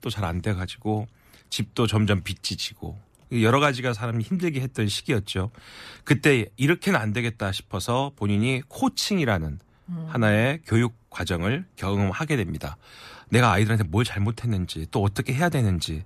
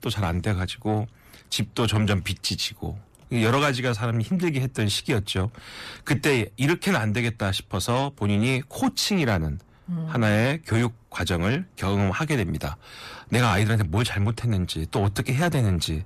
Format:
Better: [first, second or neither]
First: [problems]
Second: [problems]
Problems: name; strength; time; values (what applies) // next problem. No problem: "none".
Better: first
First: none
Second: distortion; slight; 10 dB below the speech